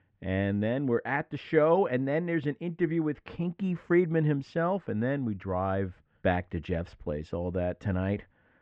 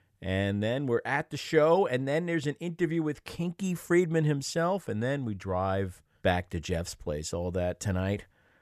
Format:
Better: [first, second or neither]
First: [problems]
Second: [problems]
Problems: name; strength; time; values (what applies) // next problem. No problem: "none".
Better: second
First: muffled; very; fading above 2.5 kHz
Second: none